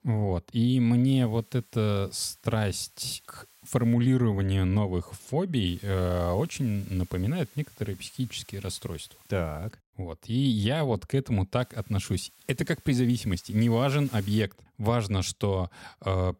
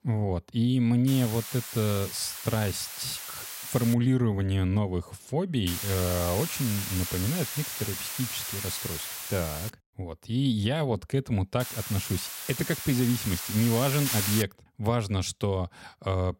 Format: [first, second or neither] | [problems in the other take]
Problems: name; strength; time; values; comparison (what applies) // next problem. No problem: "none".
first | hiss; loud; from 1 to 4 s, from 5.5 to 9.5 s and from 12 to 14 s; 5 dB below the speech; faint in the first